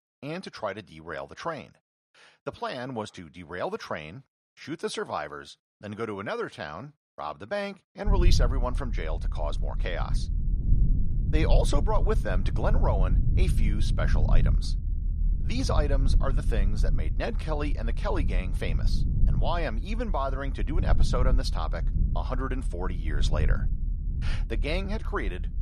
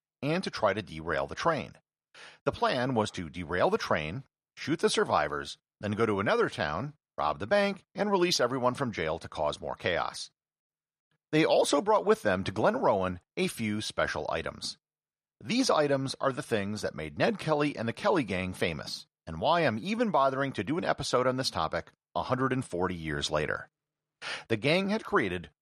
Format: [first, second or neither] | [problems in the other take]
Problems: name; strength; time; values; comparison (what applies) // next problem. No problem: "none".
second | low rumble; noticeable; from 8 s on; 10 dB below the speech